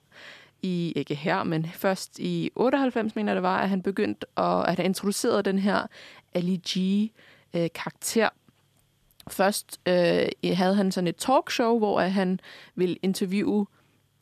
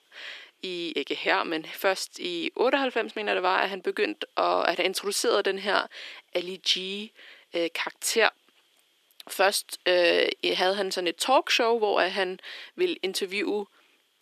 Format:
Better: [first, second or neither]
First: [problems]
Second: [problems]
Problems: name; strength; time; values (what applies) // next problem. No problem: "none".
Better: first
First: none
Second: thin; somewhat; fading below 350 Hz